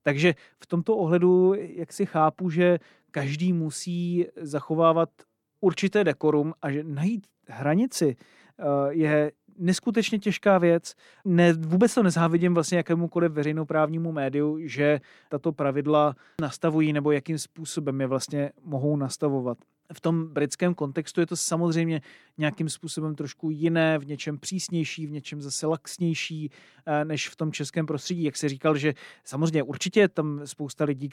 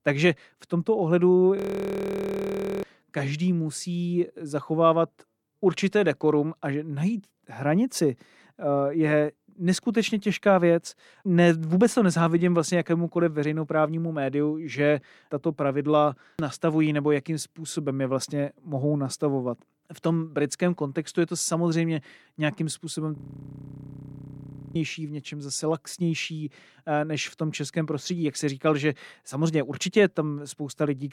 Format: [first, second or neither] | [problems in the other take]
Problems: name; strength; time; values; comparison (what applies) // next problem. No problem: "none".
first | audio freezing; at 1.5 s for 1.5 s and at 23 s for 1.5 s